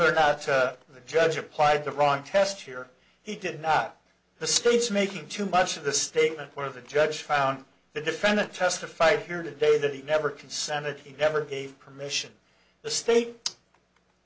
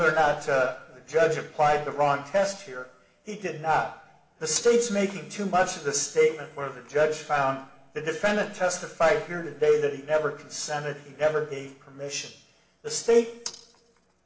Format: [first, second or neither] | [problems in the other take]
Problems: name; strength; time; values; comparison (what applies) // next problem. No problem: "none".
first | room echo; dies away in 0.8 s